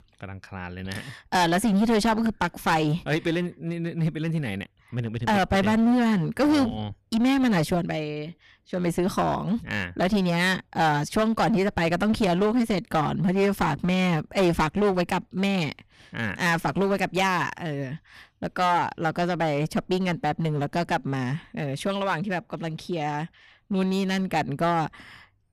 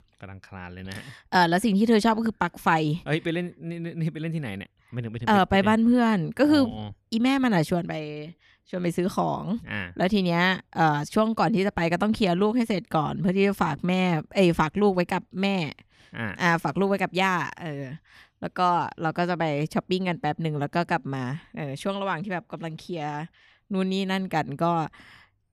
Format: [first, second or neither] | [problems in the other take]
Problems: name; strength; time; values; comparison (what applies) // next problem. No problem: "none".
second | distortion; heavy; 11% of the sound clipped